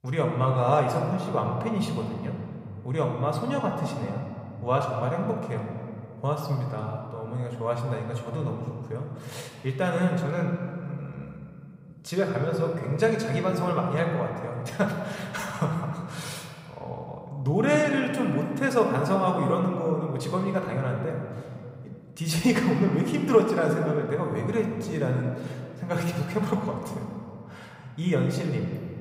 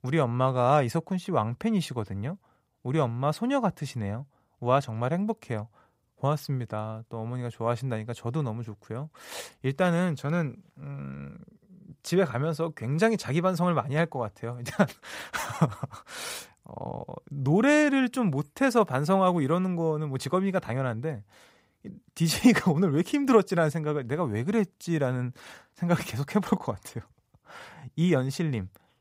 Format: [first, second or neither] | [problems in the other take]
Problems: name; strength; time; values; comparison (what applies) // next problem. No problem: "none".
second | room echo; noticeable; dies away in 2 s